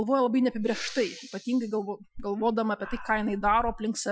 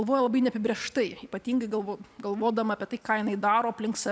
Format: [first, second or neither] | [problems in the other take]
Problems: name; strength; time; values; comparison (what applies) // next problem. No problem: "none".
second | noise reduction (classical method Wiener filter)